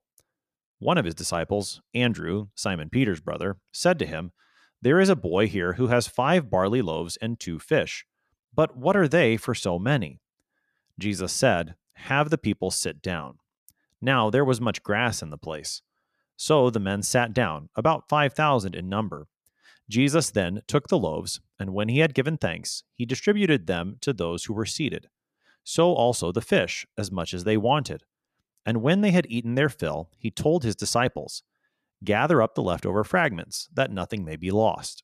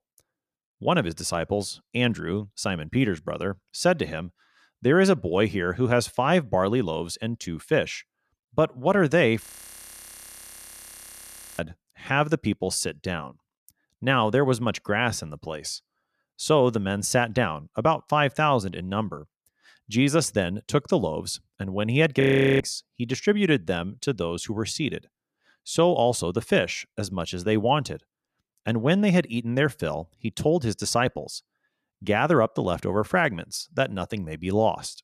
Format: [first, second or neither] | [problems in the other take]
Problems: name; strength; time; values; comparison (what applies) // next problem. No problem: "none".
first | audio freezing; at 9.5 s for 2 s and at 22 s